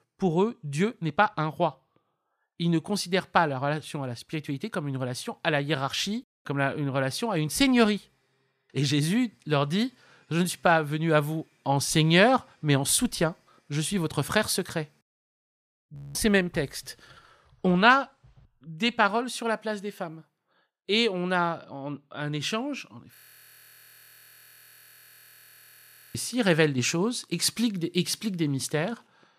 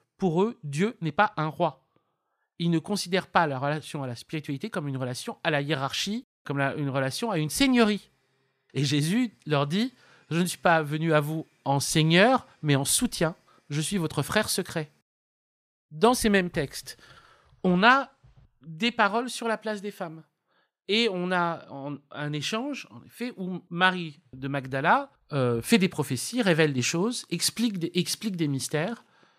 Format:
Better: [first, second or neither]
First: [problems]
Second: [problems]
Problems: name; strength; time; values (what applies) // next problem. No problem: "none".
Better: second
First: audio freezing; at 16 s and at 23 s for 3 s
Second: none